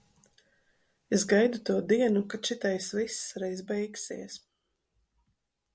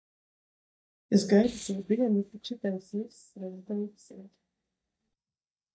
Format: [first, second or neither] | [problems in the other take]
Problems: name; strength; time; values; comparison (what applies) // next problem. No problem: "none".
first | noise reduction (neural mask model DeepFilterNet 3)